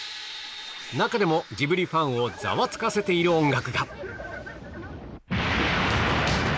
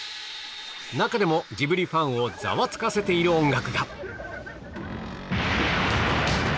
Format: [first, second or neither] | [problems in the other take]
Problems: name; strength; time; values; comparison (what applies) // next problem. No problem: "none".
first | background sound (Cupboard open or close); 13 dB below the speech